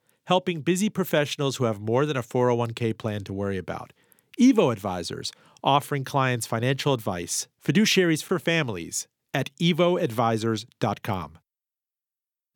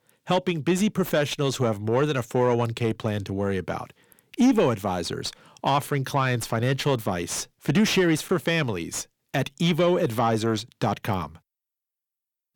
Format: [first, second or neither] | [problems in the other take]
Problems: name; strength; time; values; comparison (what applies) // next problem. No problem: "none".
first | distortion; slight; 10 dB below the speech